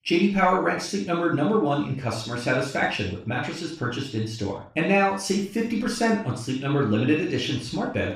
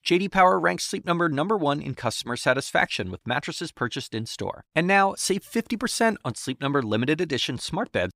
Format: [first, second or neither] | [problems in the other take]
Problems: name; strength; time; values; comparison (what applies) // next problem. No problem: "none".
second | room echo; noticeable; dies away in 0.4 s // off-mic speech; far